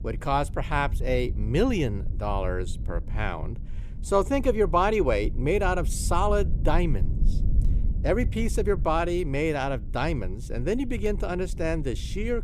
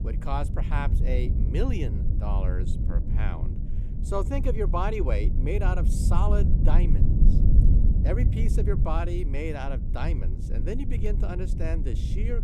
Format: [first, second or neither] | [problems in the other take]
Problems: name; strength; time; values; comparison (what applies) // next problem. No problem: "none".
first | low rumble; loud; throughout; 7 dB below the speech; faint in the first